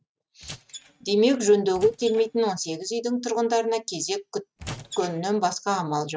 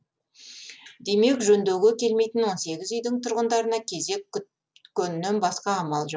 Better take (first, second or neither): second